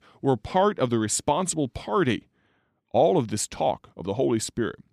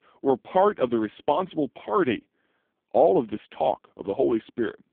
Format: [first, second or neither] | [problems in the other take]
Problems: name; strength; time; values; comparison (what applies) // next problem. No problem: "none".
first | phone-call audio; poor line